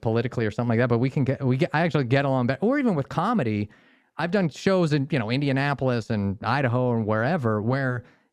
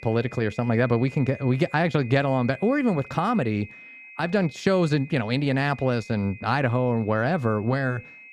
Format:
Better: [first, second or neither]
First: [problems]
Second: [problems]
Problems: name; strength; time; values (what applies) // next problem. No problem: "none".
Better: first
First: none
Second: high-pitched whine; noticeable; throughout; 2.5 kHz, 20 dB below the speech